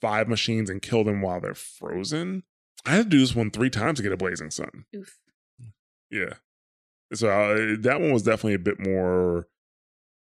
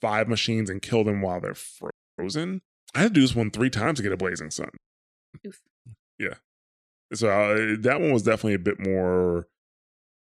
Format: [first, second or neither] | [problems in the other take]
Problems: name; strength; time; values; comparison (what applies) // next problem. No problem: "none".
first | audio freezing; at 2 s and at 5 s for 0.5 s